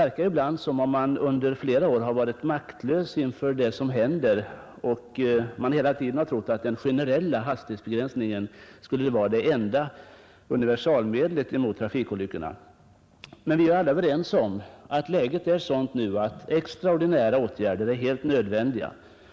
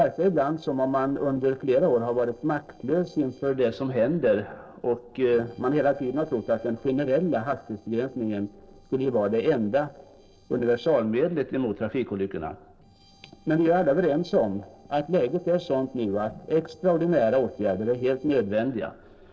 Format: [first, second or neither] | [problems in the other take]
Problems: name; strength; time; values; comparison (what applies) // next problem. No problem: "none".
first | noise reduction (neural separator model SepFormer DNS4)